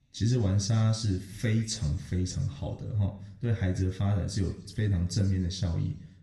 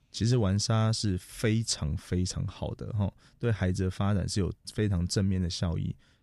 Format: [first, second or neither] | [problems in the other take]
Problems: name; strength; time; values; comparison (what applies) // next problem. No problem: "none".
second | room echo; slight; dies away in 0.7 s // off-mic speech; somewhat distant